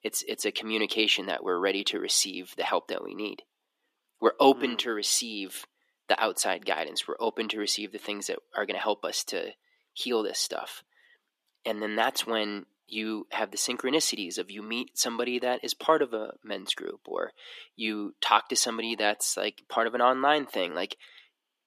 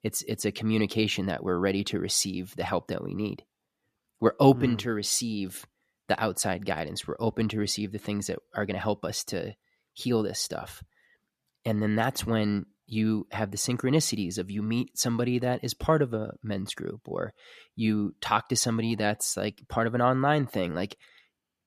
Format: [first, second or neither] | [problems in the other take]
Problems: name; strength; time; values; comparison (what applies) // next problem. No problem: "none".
second | thin; somewhat; fading below 300 Hz